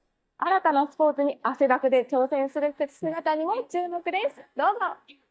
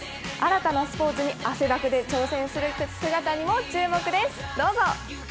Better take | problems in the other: second | noise reduction (neural mask model DeepFilterNet 3)

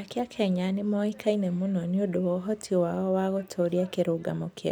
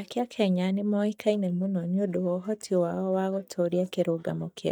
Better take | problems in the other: first | noise reduction (neural mask model DeepFilterNet 3)

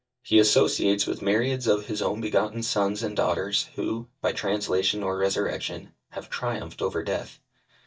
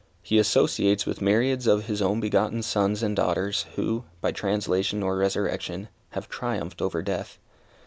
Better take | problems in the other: second | noise reduction (neural mask model DeepFilterNet 3)

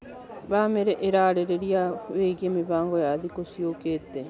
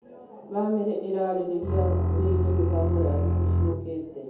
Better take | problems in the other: first | background sound (Bowed string instrument); 5 dB above the speech // room echo; dies away in 0.7 s

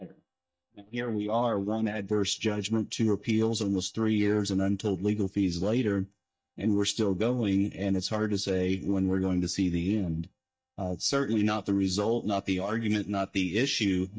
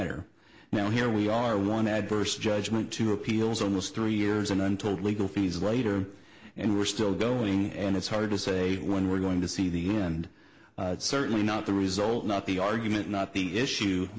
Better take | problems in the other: second | noise reduction (neural mask model DeepFilterNet 3)

